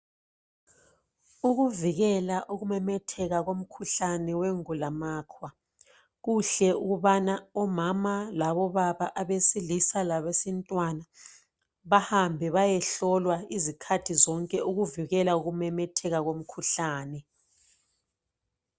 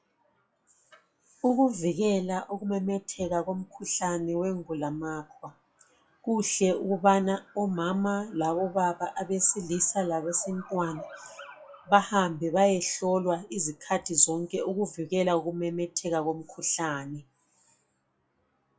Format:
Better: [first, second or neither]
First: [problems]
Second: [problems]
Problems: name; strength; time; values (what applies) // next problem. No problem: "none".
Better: first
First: none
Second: noise reduction (classical method WPE with log-MMSE)